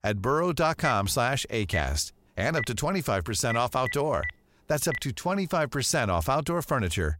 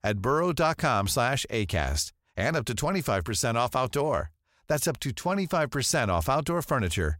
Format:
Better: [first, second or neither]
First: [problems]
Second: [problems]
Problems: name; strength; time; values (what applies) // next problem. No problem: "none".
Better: second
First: phone ringing; noticeable; from 0.5 to 5 s; peak 7 dB below the speech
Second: none